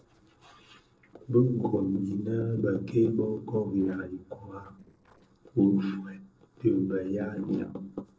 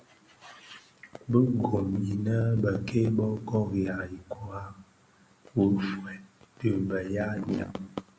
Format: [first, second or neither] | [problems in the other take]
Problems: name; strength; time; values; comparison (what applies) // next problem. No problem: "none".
second | noise reduction (neural separator model SepFormer DNS4)